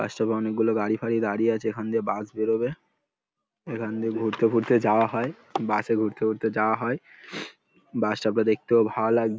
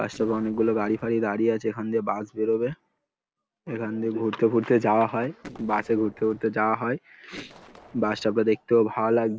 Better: first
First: none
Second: noise reduction (neural separator model SepFormer DNS4)

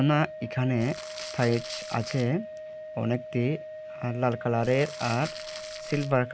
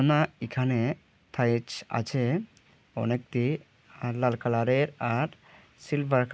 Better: second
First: background sound (Organ + Crumpling, crinkling); 11 dB below the speech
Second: none

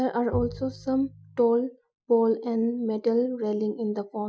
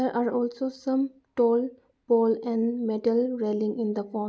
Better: second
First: noise reduction (classical method Wiener filter)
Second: none

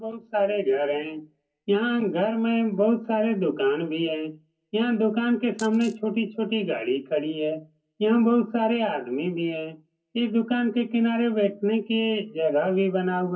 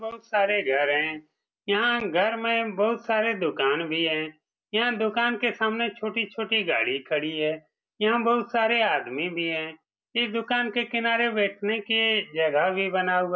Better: second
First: noise reduction (neural separator model SepFormer DNS4)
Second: none

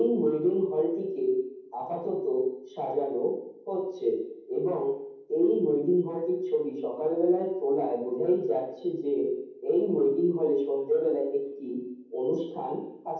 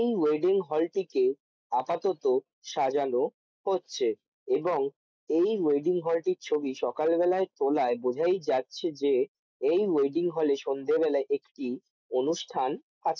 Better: second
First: room echo; dies away in 0.9 s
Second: none

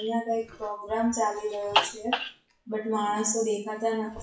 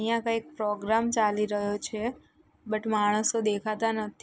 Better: second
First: noise reduction (classical method WPE with log-MMSE)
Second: none

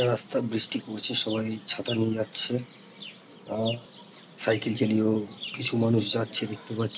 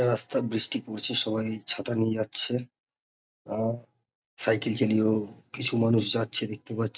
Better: second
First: background sound (Chirp, tweet); 15 dB below the speech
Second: none

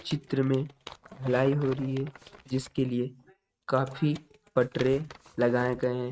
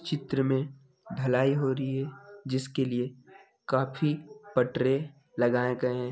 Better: second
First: noise reduction (neural mask model RNNoise)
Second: none

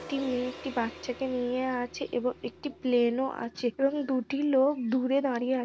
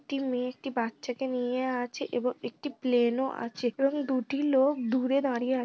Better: second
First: background sound (Gong); 20 dB below the speech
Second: none

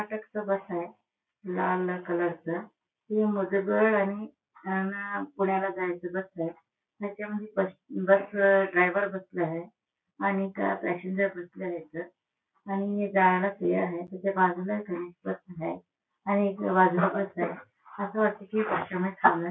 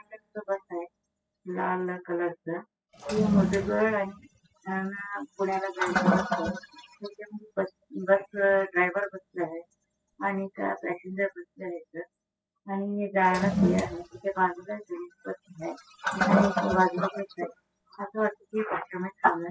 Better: first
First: none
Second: noise reduction (classical method spectral subtraction)

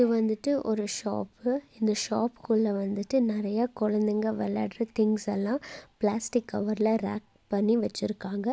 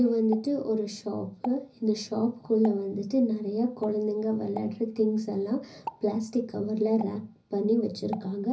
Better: first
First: none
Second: background sound (Explosion); 19 dB below the speech // room echo; dies away in 0.5 s

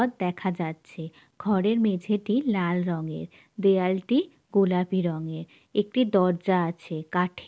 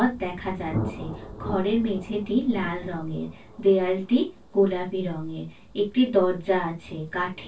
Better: first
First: none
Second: background sound (Thunder); 13 dB below the speech // room echo; dies away in 0.1 s

